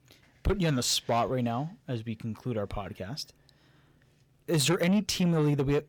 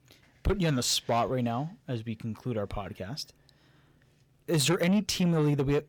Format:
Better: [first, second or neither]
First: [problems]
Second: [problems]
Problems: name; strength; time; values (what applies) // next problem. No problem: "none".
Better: neither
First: distortion; slight; 10 dB below the speech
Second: distortion; slight; 10 dB below the speech